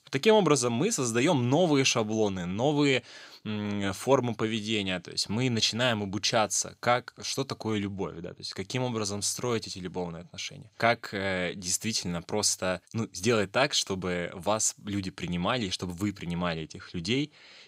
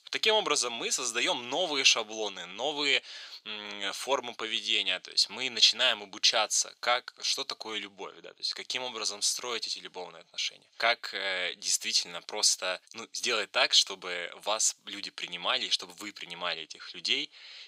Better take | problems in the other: first | thin; very; fading below 550 Hz

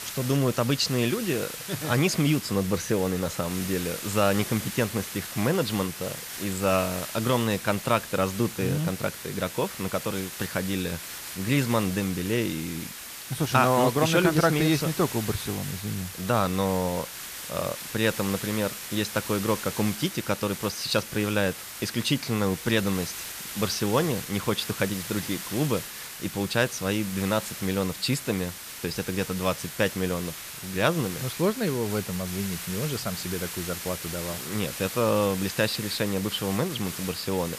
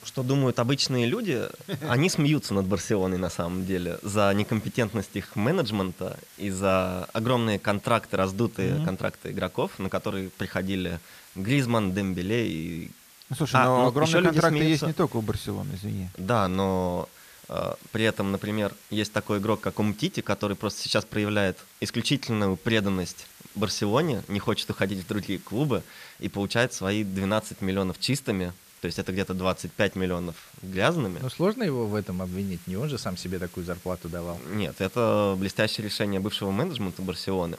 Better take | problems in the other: second | hiss; loud; throughout; 8 dB below the speech; faint in the second

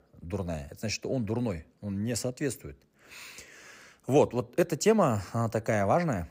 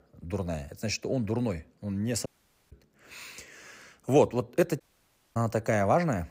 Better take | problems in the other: first | audio cutting out; at 2.5 s and at 5 s for 0.5 s

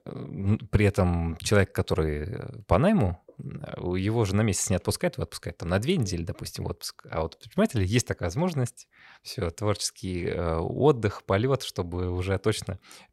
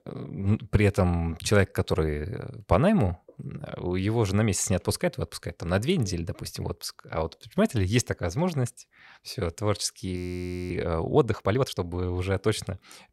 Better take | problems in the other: first | audio freezing; at 10 s for 0.5 s

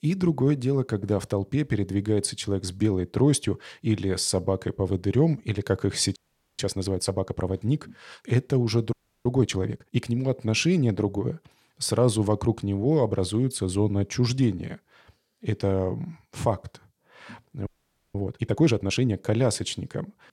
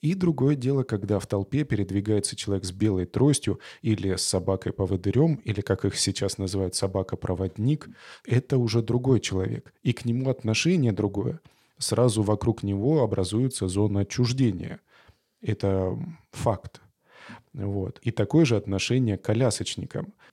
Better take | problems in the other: second | audio freezing; at 6 s, at 9 s and at 18 s

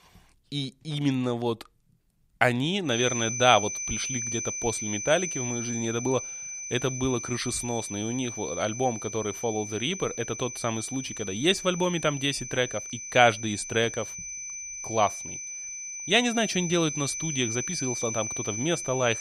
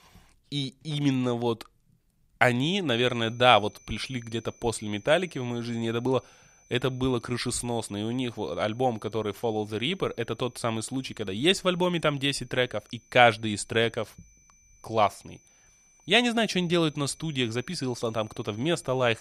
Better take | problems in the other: second | high-pitched whine; loud; from 3 s on; 6 kHz, 5 dB below the speech; faint in the second

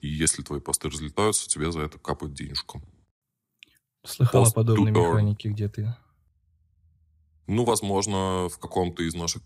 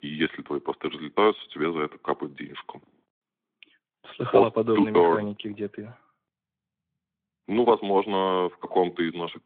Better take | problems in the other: first | phone-call audio

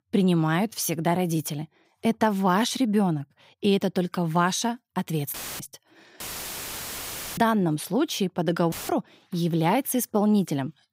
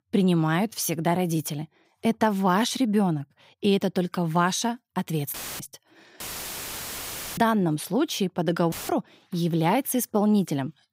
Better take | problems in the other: neither | audio cutting out; filled with static; at 5.5 s, at 6 s for 1 s and at 8.5 s; the same in both

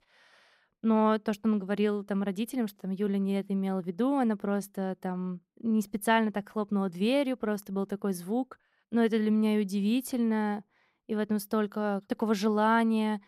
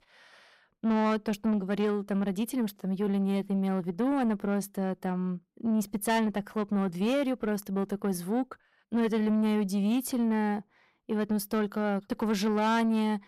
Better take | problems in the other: first | distortion; slight; 10 dB below the speech

